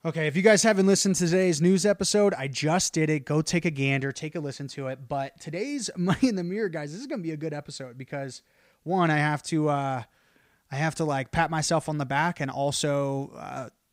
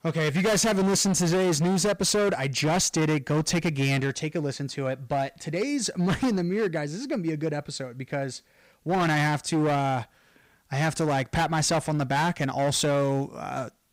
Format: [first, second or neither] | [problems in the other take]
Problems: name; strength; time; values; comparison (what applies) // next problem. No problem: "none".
first | distortion; heavy; 17% of the sound clipped